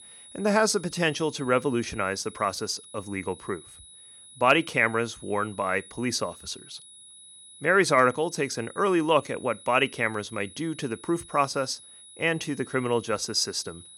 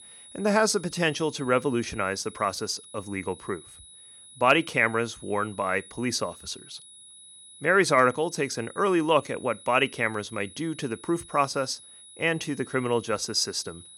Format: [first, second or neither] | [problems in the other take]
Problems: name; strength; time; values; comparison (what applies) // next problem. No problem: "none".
neither | high-pitched whine; noticeable; throughout; 10 kHz, 20 dB below the speech; the same in both